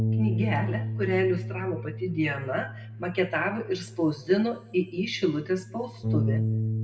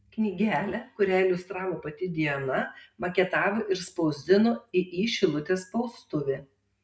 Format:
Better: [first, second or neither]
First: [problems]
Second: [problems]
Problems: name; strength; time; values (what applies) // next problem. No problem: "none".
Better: second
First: background sound (Bass guitar); 2 dB below the speech // room echo; dies away in 2.1 s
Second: none